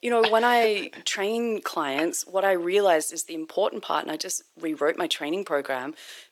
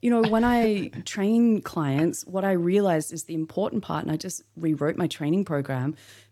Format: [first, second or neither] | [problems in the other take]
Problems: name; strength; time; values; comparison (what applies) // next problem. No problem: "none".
second | thin; very; fading below 450 Hz